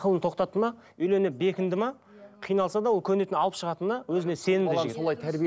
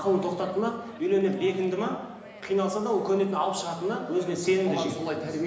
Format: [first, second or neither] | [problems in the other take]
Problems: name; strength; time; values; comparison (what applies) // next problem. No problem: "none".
first | background sound (Chatter); 18 dB below the speech // room echo; dies away in 1 s